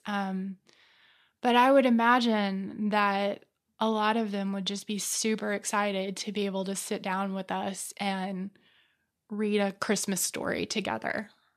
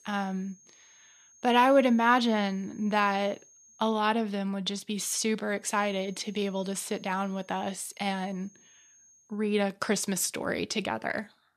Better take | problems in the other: first | high-pitched whine; faint; until 4 s and from 5.5 to 9 s; 6.5 kHz, 30 dB below the speech

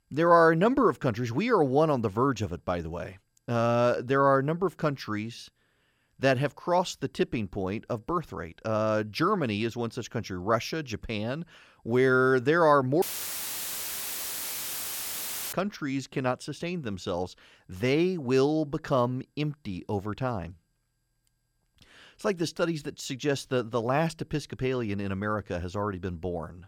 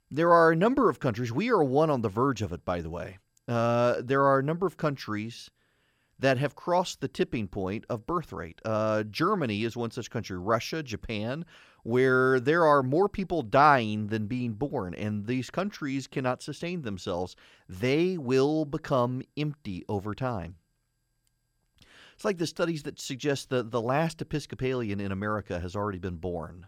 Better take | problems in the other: second | audio cutting out; filled with static; at 13 s for 2.5 s

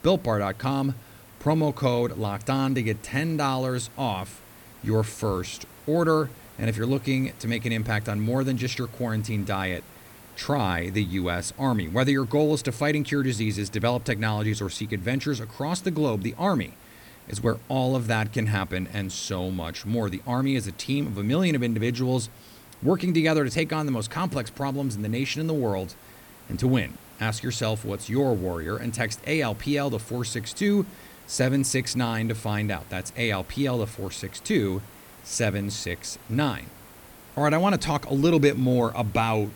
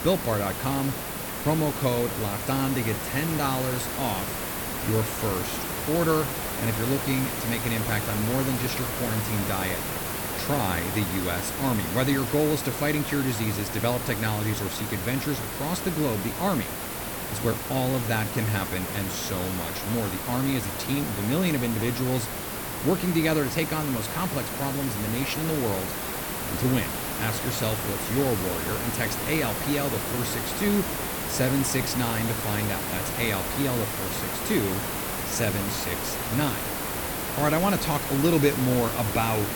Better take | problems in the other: first | hiss; loud; throughout; 2 dB below the speech; faint in the first

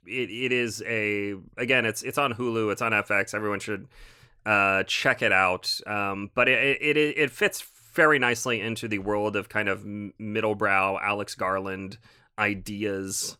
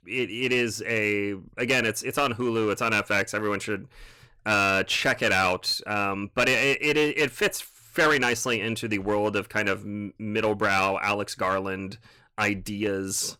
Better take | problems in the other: first | distortion; slight; 6% of the sound clipped

